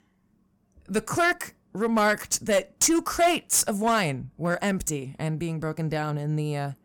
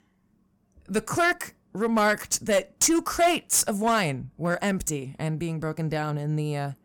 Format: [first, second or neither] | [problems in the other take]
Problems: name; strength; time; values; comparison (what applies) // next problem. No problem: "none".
neither | distortion; slight; 4% of the sound clipped; the same in both